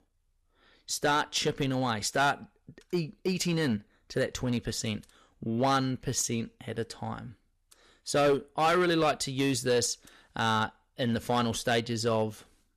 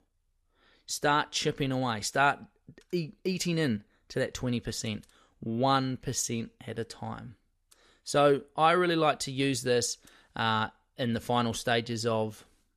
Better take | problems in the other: second | distortion; slight; 4% of the sound clipped

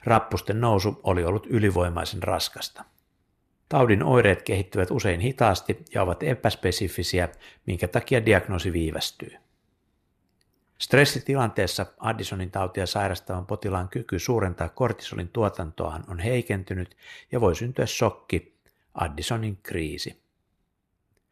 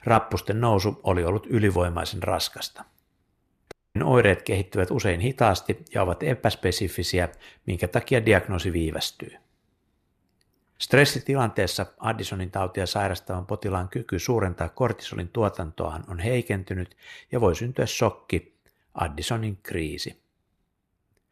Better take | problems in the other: first | audio cutting out; at 3.5 s

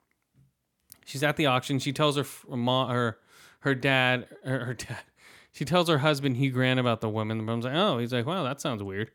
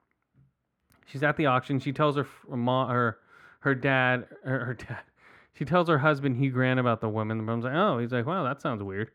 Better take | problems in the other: first | muffled; very; fading above 3.5 kHz

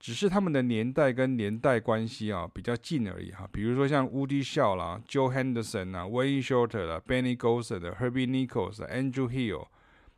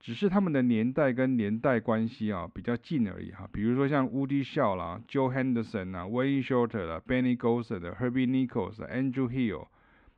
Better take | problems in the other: first | muffled; slightly; fading above 2.5 kHz

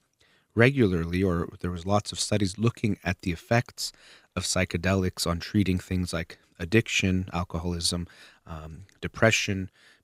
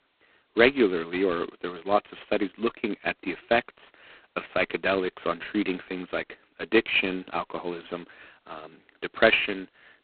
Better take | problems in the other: first | phone-call audio; poor line; nothing above 4 kHz

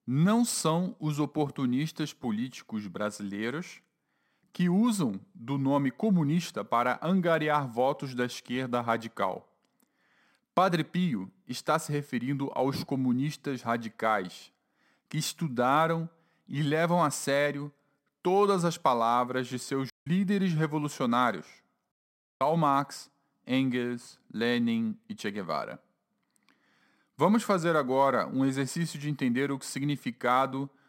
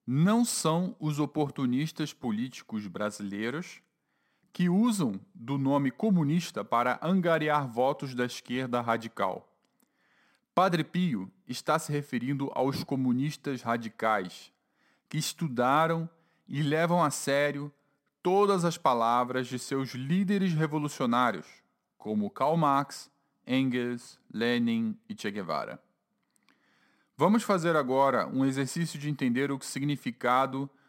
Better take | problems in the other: second | audio cutting out; at 20 s and at 22 s

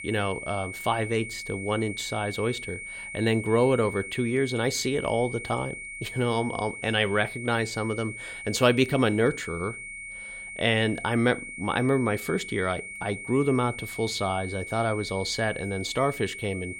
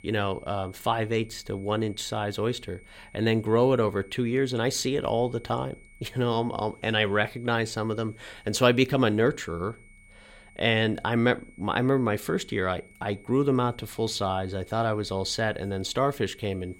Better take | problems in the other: second | high-pitched whine; loud; throughout; 2 kHz, 9 dB below the speech; faint in the second

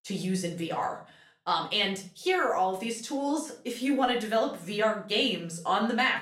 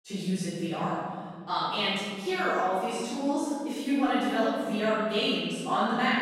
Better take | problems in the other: first | room echo; strong; dies away in 2 s; slight in the first // off-mic speech; far; far in the first

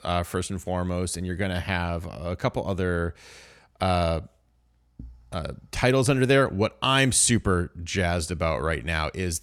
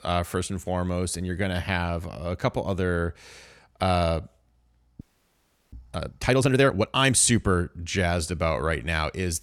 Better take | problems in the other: first | audio freezing; at 5 s for 0.5 s

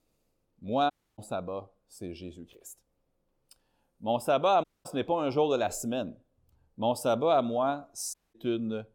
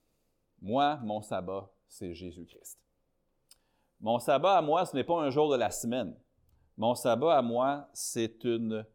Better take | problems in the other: second | audio cutting out; at 1 s, at 4.5 s and at 8 s

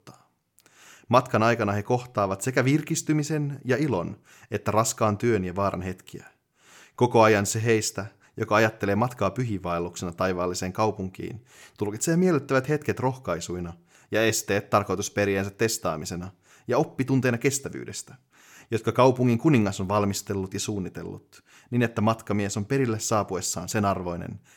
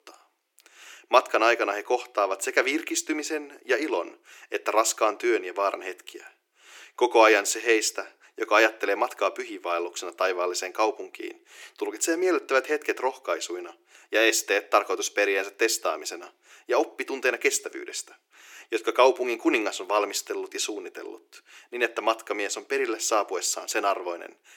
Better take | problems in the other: first | thin; very; fading below 350 Hz

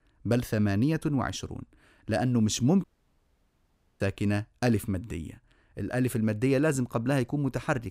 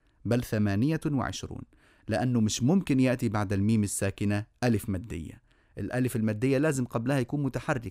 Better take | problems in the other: second | audio cutting out; at 3 s for 1 s

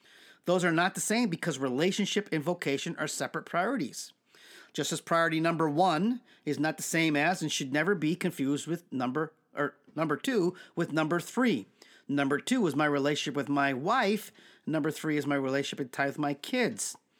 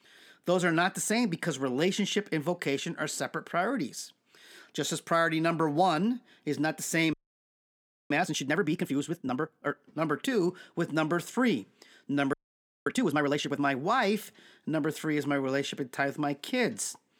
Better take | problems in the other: first | audio freezing; at 7 s for 1 s and at 12 s for 0.5 s

